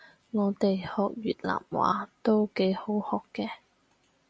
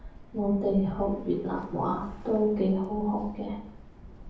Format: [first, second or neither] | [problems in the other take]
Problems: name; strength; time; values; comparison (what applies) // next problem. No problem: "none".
first | background sound (Bird); 14 dB below the speech // room echo; dies away in 0.7 s